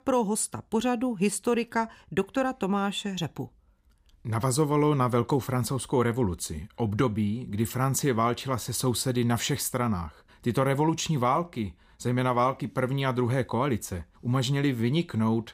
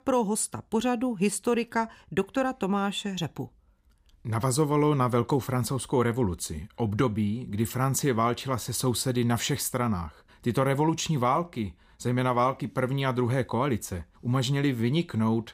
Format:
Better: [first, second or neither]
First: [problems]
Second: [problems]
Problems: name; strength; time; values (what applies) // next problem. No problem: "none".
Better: neither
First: none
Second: none